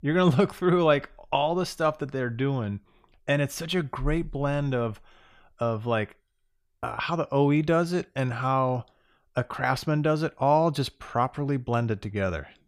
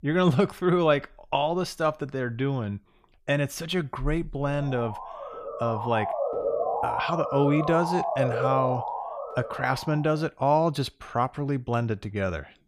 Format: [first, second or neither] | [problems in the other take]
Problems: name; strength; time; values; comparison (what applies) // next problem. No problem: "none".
first | siren; noticeable; from 4.5 to 10 s; peak level with the speech